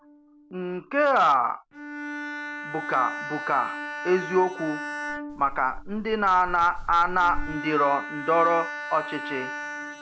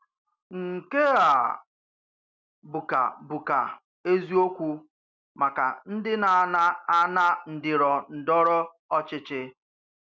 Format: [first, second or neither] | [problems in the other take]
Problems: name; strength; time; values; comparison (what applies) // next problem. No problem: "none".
second | background sound (Wind + Bowed string instrument); 9 dB below the speech